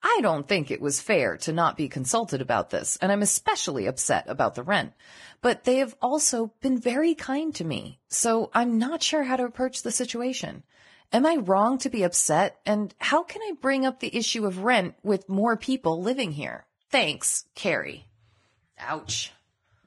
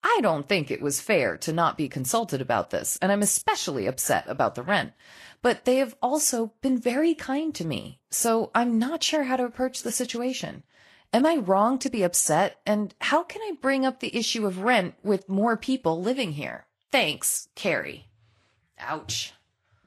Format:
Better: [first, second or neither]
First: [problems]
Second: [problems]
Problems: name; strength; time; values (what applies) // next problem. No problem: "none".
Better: second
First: garbled, watery; badly; nothing above 10.5 kHz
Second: garbled, watery; slightly; nothing above 12.5 kHz